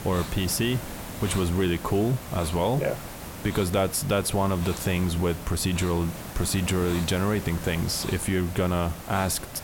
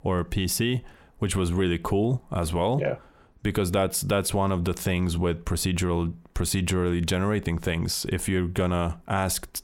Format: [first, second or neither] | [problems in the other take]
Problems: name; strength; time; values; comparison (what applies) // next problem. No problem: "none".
second | hiss; noticeable; throughout; 10 dB below the speech